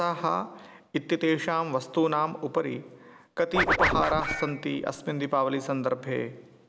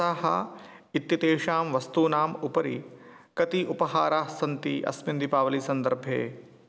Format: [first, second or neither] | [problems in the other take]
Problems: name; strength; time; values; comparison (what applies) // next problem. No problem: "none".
second | background sound (Scratching (performance technique)); 1 dB above the speech